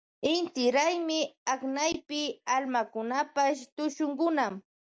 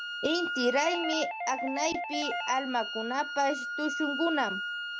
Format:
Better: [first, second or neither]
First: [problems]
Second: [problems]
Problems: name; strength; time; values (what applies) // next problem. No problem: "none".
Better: first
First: none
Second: background sound (Doorbell + Wind instrument, woodwind instrument); 4 dB below the speech